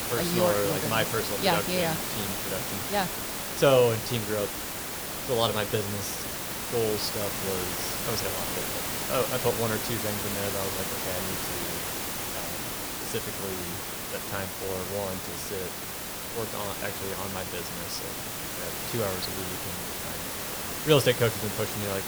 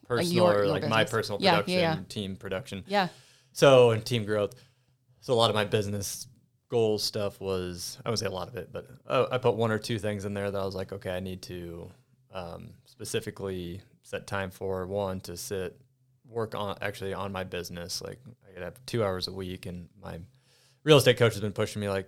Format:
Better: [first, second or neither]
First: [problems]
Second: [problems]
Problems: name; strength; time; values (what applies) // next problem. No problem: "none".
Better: second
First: hiss; loud; throughout; 1 dB below the speech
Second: none